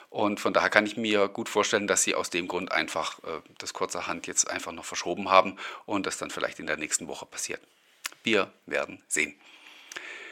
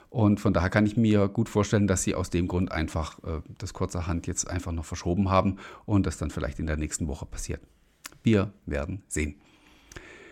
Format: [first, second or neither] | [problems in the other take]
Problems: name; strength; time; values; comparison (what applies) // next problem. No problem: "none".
second | thin; very; fading below 500 Hz